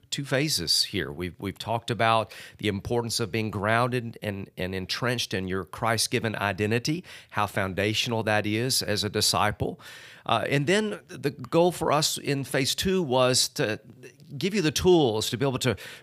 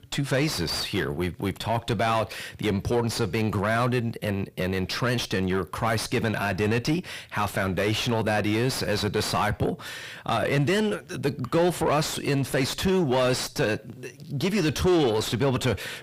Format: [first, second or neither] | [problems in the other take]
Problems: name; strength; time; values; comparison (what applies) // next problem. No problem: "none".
first | distortion; heavy; 5 dB below the speech